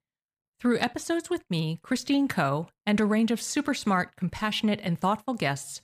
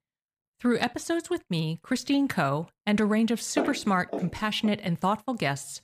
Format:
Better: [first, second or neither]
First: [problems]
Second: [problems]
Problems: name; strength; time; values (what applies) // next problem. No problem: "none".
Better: first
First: none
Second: footsteps; noticeable; from 3.5 to 4.5 s; peak 4 dB below the speech